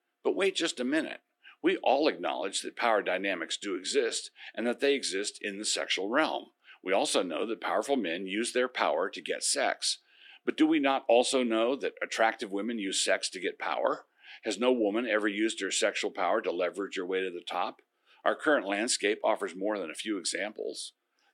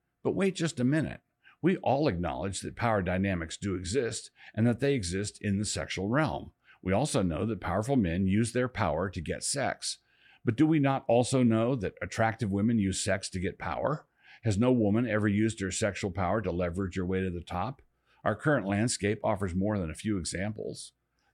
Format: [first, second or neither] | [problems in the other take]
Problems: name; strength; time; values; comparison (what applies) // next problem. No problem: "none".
second | thin; somewhat; fading below 300 Hz